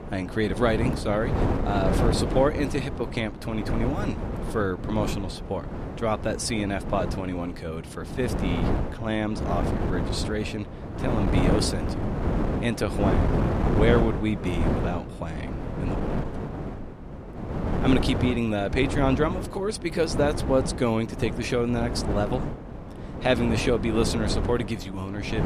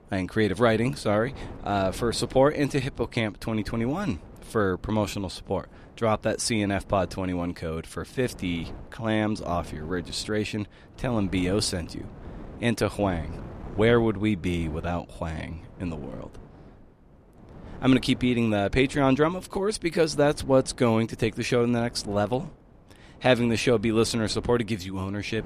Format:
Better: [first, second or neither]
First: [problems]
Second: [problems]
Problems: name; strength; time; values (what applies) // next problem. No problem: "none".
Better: second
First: wind noise on the microphone; heavy; 5 dB below the speech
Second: wind noise on the microphone; occasional gusts; 20 dB below the speech